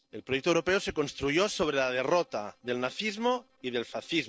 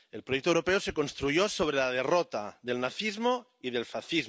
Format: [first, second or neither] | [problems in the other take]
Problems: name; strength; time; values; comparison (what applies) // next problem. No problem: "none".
second | noise reduction (neural separator model SepFormer DNS4)